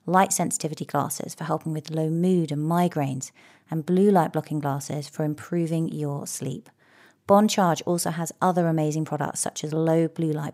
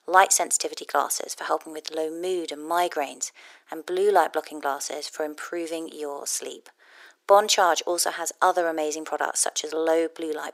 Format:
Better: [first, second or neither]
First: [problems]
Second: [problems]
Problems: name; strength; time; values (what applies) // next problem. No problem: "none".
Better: first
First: none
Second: thin; very; fading below 350 Hz